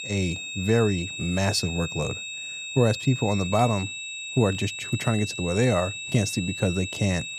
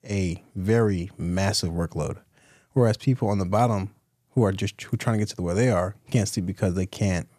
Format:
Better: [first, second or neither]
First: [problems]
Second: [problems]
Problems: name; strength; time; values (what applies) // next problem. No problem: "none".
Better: second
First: high-pitched whine; loud; throughout; 2.5 kHz, 7 dB below the speech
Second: none